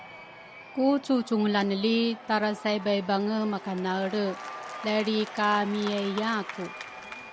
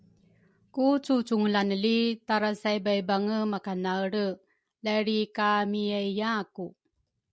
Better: second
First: background sound (Applause / Crowd / Cheering); 14 dB below the speech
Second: none

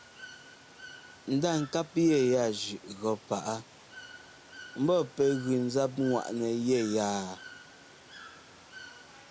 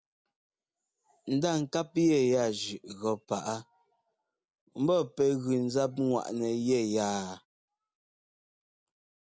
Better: second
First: background sound (Water / Bird); 19 dB below the speech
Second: none

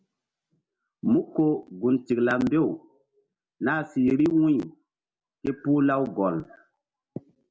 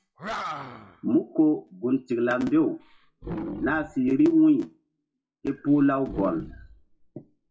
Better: first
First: none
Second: noise reduction (classical method WPE with log-MMSE)

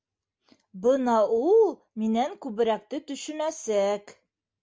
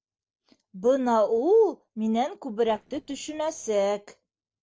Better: first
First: none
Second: noise reduction (neural separator model SepFormer DNS4)

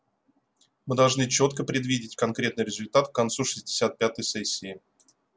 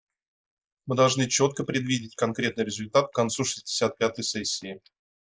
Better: first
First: none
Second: noise reduction (neural mask model Resemble Enhance denoiser)

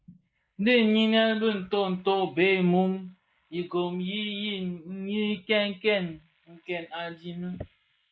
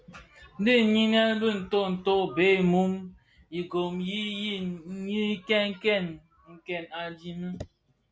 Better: second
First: noise reduction (neural mask model Resemble Enhance denoiser)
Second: none

